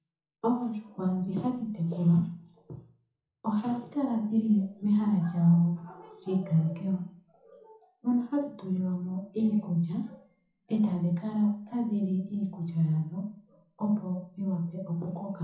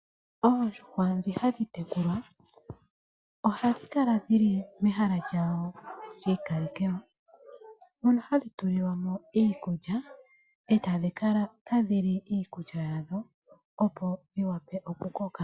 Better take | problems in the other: second | room echo; dies away in 0.6 s

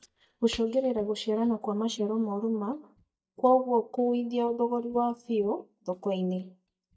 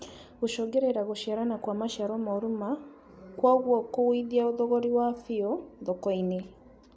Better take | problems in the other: second | noise reduction (neural mask model DeepFilterNet 3)

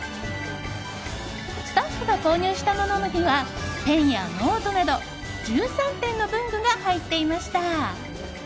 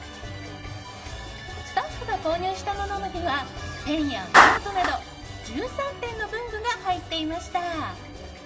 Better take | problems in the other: first | background sound (Clapping); 1 dB above the speech // room echo; dies away in 1.6 s

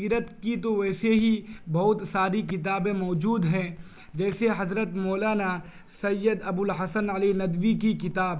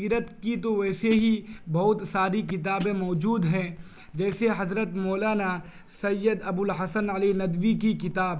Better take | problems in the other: first | background sound (Hi-hat); 16 dB below the speech

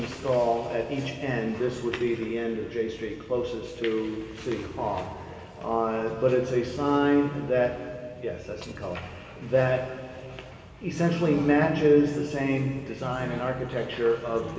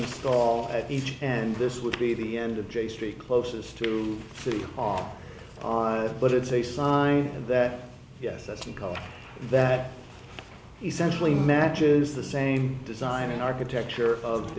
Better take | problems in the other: second | room echo; dies away in 2.4 s

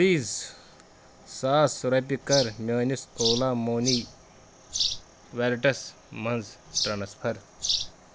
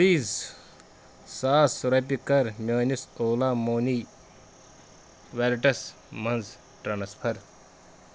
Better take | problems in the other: second | background sound (Bird vocalization, bird call, bird song); 4 dB below the speech

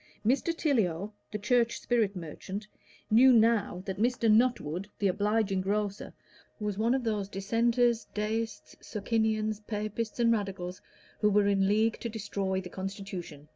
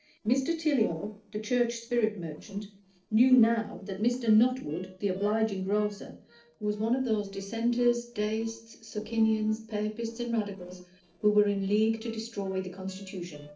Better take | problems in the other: first | noise reduction (neural separator model SepFormer DNS4)

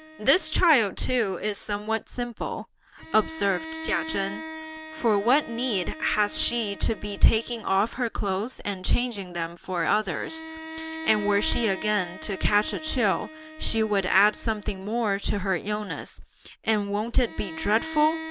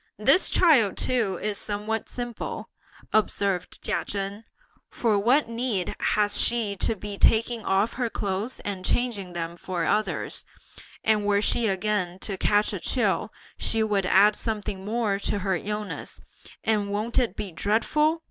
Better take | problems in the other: second | background sound (Bowed string instrument); 15 dB below the speech

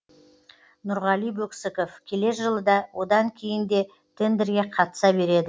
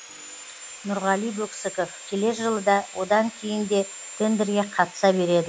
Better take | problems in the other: first | background sound (Sawing); 15 dB below the speech

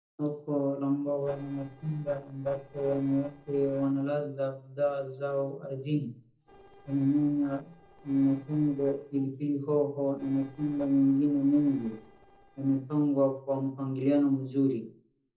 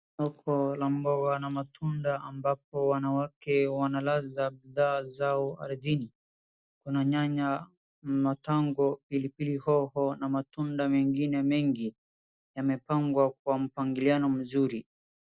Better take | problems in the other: second | noise reduction (neural separator model SepFormer DNS4)

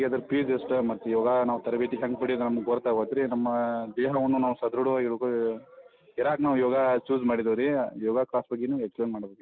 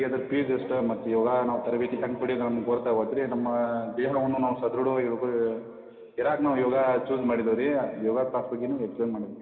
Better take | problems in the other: first | room echo; dies away in 2.1 s

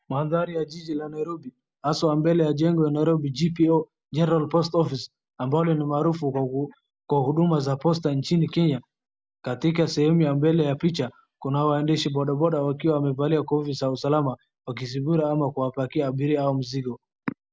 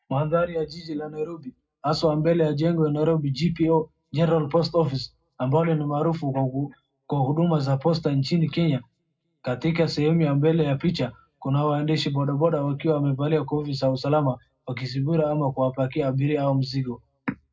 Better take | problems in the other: first | room echo; dies away in 0.3 s

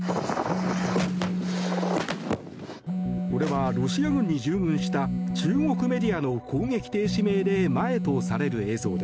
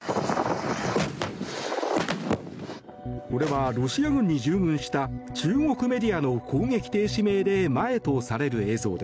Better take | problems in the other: second | background sound (Telephone); 2 dB below the speech

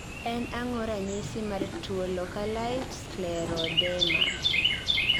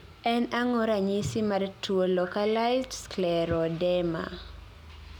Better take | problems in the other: second | background sound (Chirp, tweet); 3 dB above the speech

